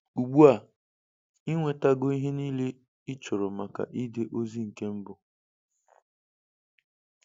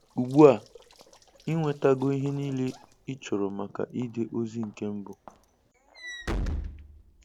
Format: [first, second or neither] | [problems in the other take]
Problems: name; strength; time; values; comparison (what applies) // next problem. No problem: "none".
first | background sound (Walk, footsteps / Slam); 13 dB below the speech